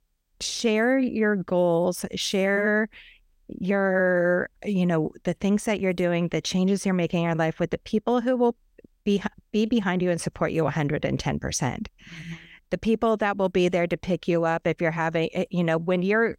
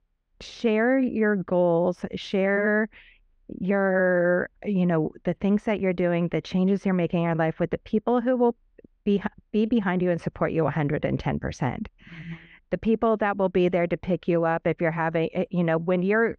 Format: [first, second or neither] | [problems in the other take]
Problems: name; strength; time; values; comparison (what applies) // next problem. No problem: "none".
first | muffled; very; fading above 2.5 kHz